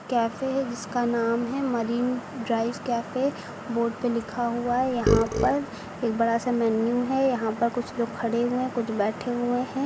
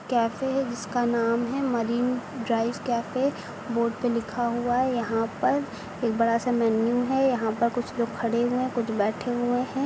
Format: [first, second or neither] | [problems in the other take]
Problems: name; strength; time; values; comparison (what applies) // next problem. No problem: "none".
second | background sound (Burping, eructation); 2 dB below the speech